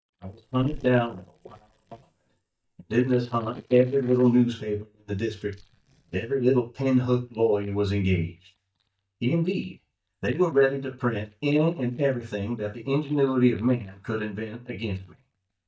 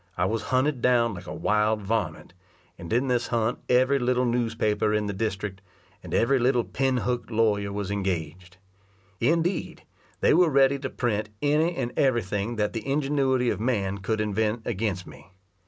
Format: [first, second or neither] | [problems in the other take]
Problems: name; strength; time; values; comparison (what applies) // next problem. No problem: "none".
second | noise reduction (neural mask model DeepFilterNet 3)